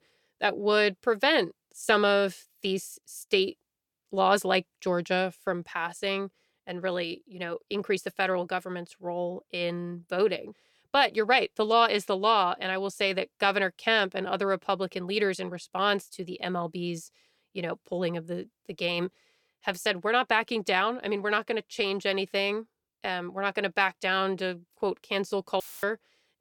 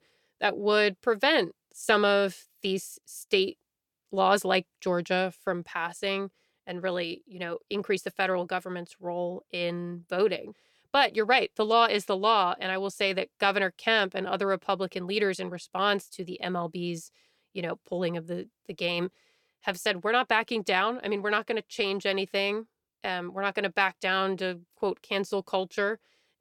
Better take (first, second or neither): second